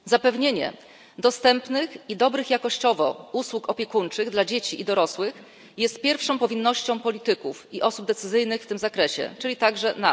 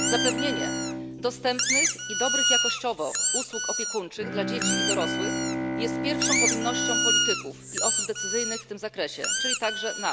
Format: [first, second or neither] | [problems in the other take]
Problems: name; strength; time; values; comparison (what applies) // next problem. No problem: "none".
first | background sound (Squeak + Bowed string instrument); 5 dB above the speech